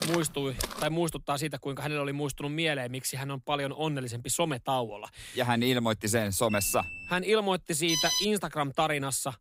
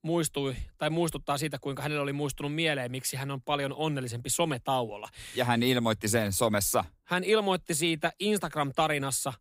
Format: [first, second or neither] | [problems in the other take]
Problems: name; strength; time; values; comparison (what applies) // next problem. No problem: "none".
second | footsteps; noticeable; at the start; peak 4 dB below the speech // alarm; noticeable; at 6.5 s; peak 7 dB below the speech // alarm; loud; at 8 s; peak 4 dB above the speech